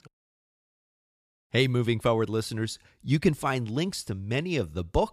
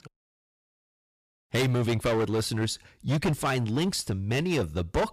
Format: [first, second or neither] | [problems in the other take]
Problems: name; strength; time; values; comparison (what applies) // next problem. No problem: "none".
first | distortion; heavy; 12% of the sound clipped